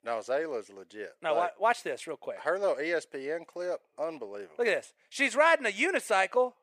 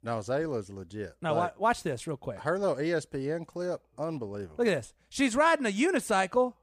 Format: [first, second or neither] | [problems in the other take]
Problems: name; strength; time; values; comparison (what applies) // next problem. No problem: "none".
second | thin; somewhat; fading below 450 Hz